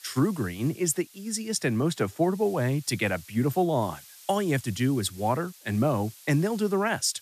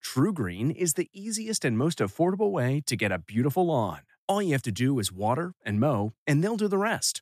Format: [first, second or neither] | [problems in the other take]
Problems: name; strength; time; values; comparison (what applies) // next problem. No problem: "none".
second | hiss; faint; throughout; 20 dB below the speech